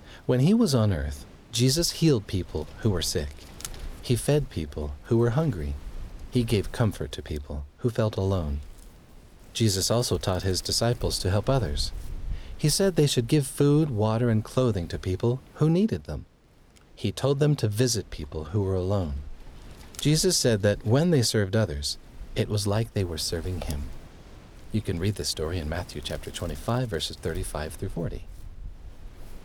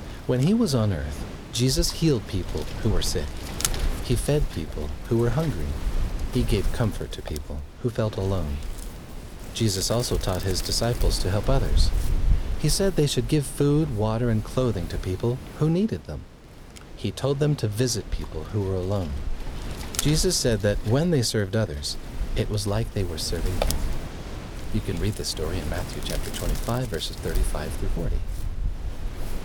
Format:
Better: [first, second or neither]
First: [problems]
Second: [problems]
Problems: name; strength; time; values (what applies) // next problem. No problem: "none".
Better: first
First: wind noise on the microphone; occasional gusts; 20 dB below the speech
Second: wind noise on the microphone; heavy; 10 dB below the speech